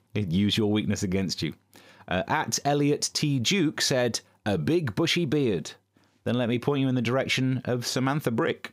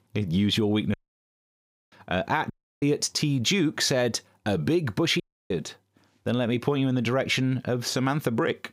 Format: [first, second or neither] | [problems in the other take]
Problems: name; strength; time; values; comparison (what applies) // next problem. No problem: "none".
first | audio cutting out; at 1 s for 1 s, at 2.5 s and at 5 s